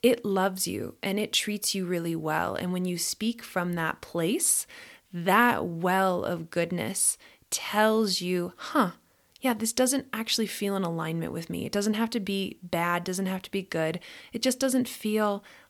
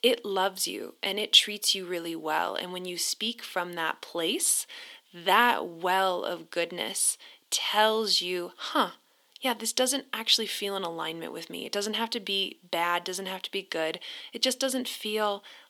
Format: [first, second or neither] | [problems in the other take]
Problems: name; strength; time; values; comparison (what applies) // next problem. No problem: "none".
first | thin; somewhat; fading below 300 Hz